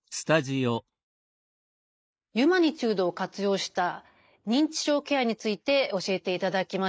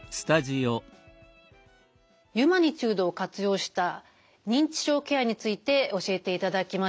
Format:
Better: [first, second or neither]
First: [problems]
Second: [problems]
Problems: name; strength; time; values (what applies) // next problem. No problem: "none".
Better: second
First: noise reduction (neural mask model Resemble Enhance denoiser)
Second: none